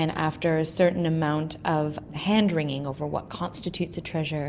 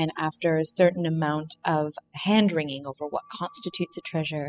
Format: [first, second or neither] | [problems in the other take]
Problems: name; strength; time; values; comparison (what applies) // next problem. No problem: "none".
first | noise reduction (classical method spectral subtraction)